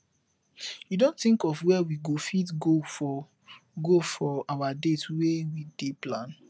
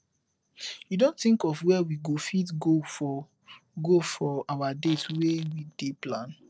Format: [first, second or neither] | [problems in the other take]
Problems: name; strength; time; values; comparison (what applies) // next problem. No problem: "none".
first | noise reduction (neural separator model SepFormer DNS4)